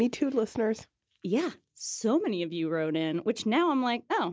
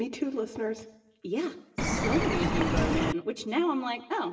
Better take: first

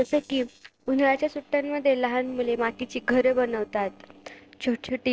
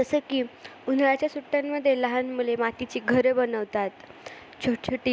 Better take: second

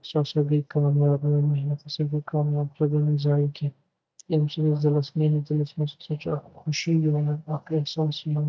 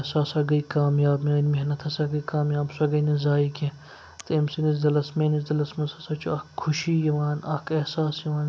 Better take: second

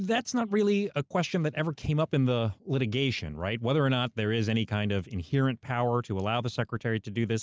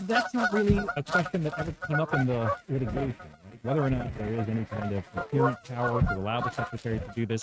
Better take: first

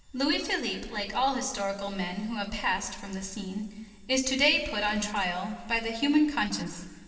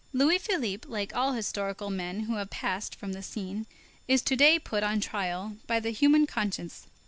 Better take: second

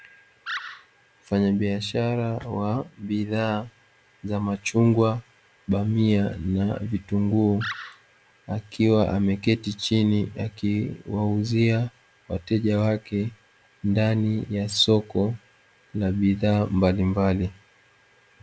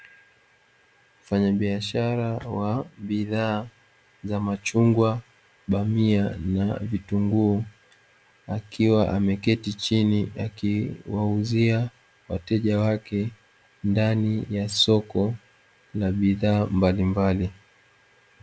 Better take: second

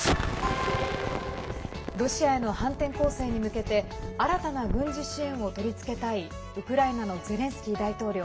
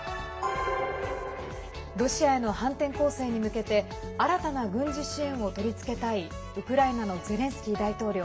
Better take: second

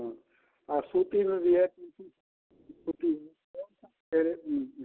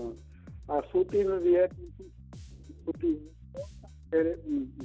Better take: first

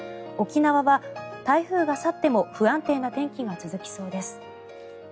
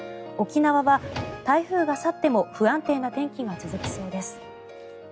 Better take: first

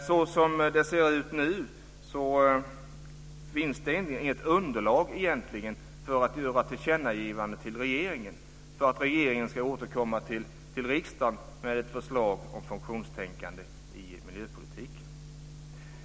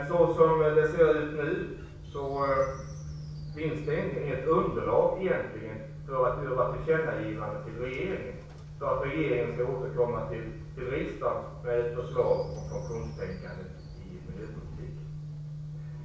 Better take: first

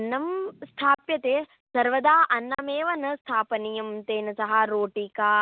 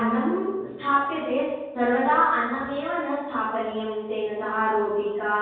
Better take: first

